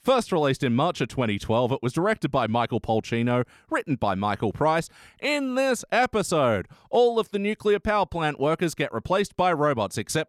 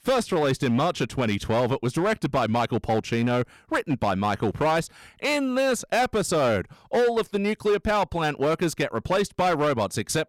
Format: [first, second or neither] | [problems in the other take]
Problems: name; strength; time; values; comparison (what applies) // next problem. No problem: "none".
first | distortion; slight; 10% of the sound clipped